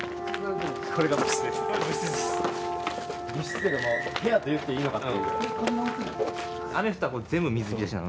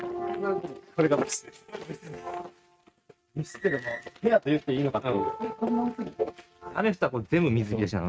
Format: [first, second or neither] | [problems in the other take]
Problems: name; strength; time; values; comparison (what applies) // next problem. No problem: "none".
first | noise reduction (neural mask model RNNoise)